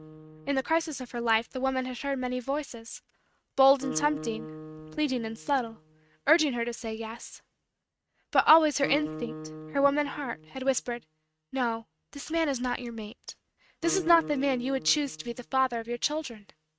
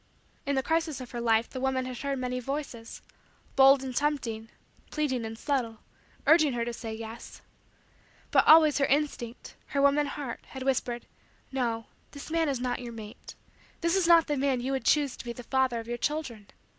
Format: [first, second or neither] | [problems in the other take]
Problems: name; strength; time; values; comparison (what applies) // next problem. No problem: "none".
second | noise reduction (neural mask model RNNoise)